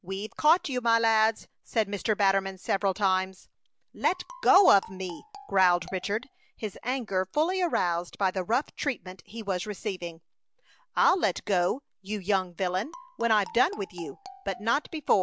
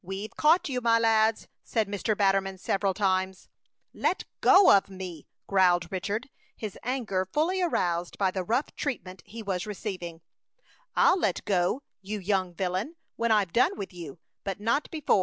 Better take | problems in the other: second | background sound (Marimba, xylophone); 19 dB below the speech

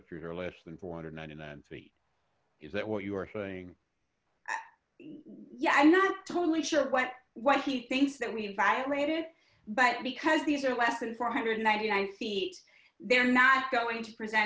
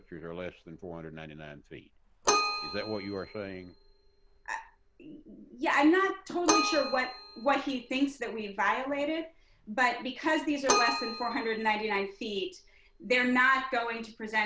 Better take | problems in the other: first | background sound (Keyboard (musical)); 6 dB below the speech

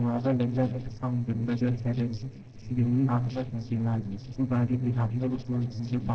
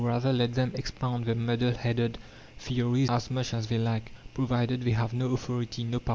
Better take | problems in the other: second | noise reduction (neural separator model SepFormer DNS4)

